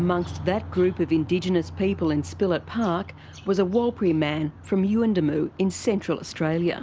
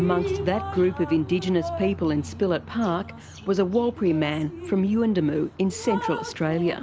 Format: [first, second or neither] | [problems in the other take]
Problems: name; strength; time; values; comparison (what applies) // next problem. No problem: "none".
first | background sound (Drip); 11 dB below the speech